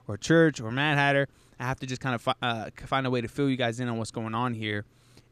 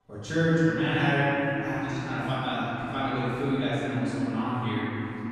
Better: first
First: none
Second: off-mic speech; far // room echo; strong; dies away in 3 s

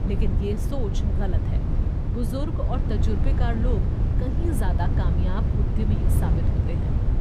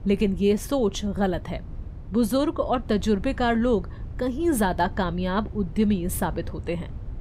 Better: second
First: low rumble; loud; throughout; 2 dB below the speech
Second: low rumble; faint; throughout; 25 dB below the speech

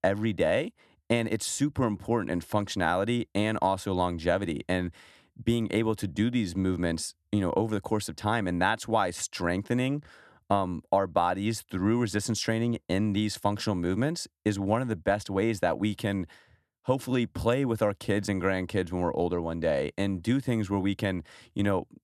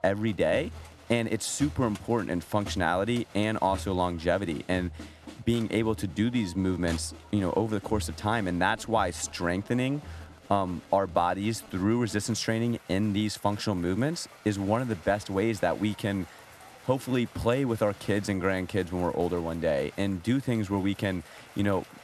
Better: first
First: none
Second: crowd noise; noticeable; throughout; 20 dB below the speech

